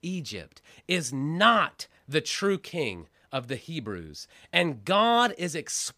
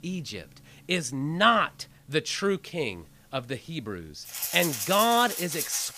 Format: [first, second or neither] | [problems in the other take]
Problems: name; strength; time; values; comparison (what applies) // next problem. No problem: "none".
first | background music; loud; throughout; 4 dB below the speech